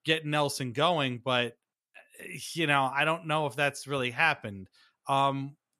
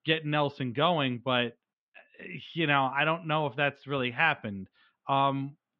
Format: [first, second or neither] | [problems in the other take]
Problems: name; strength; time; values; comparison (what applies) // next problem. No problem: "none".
first | muffled; very slightly; fading above 3.5 kHz